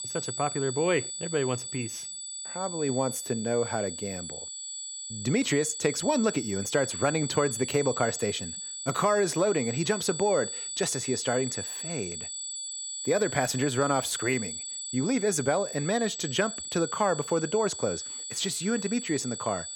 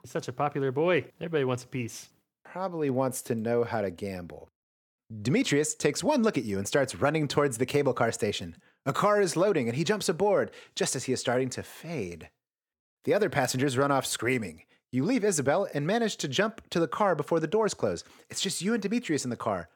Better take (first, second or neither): second